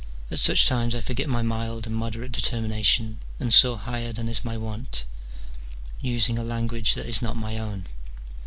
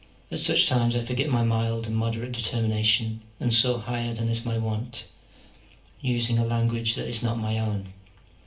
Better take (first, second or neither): first